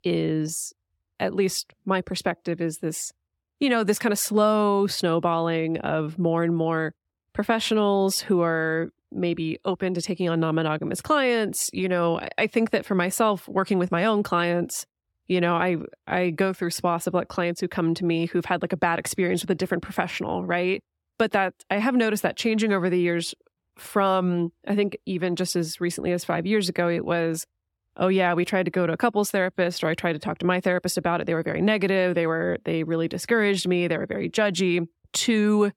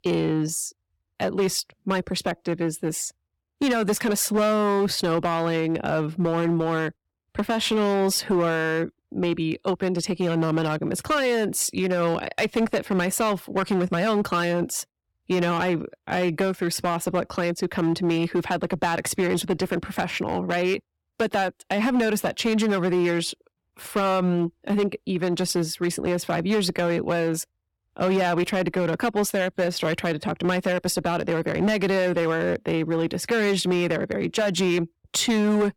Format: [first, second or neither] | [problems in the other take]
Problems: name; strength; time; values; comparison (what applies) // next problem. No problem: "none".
first | distortion; slight; 9% of the sound clipped